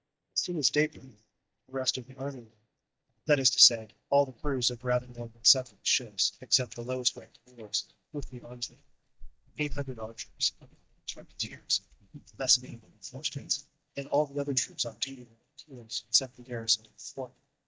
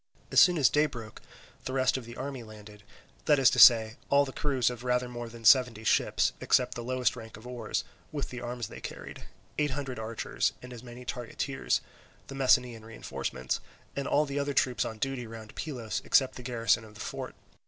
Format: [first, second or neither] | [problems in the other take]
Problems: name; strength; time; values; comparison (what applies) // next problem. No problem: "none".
second | noise reduction (neural mask model DeepFilterNet 3)